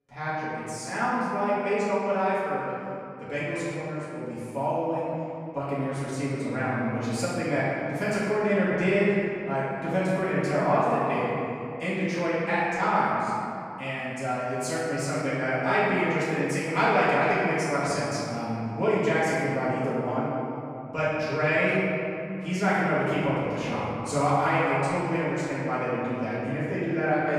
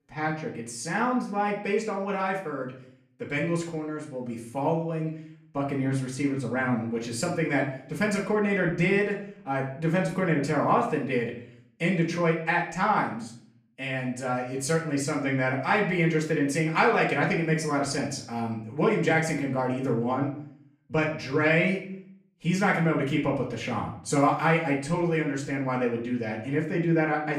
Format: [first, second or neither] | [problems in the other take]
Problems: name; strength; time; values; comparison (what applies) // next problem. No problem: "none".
second | room echo; strong; dies away in 2.5 s; slight in the second // off-mic speech; far; far in the second